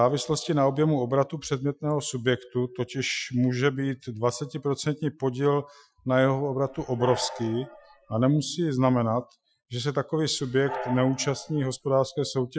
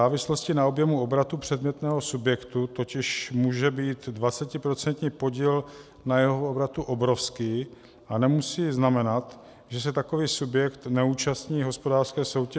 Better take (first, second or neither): second